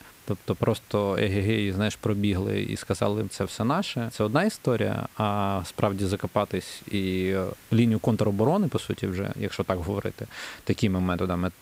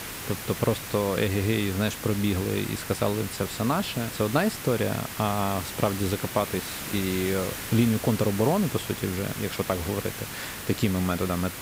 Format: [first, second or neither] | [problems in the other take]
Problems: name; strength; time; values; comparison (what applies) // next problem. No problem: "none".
first | hiss; loud; throughout; 7 dB below the speech; faint in the first